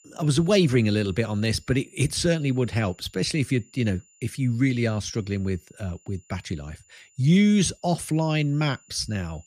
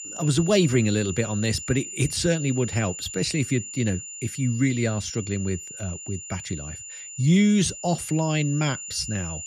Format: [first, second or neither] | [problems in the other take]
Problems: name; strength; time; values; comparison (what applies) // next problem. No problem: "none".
first | high-pitched whine; loud; throughout; 7 kHz, 10 dB below the speech; faint in the first